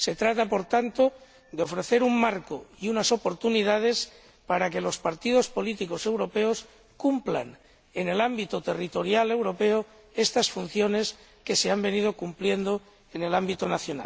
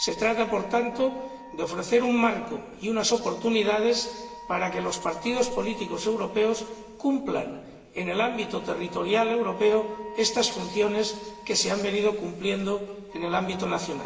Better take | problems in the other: first | background sound (Wind instrument, woodwind instrument); 18 dB below the speech // room echo; dies away in 2.3 s

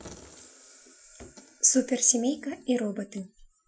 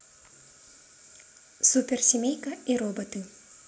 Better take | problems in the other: second | noise reduction (classical method Wiener filter)

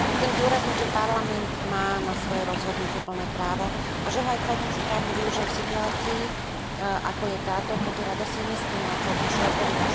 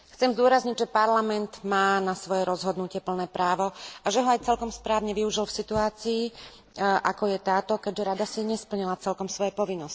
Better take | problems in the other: second | background sound (Waves, surf); 3 dB above the speech

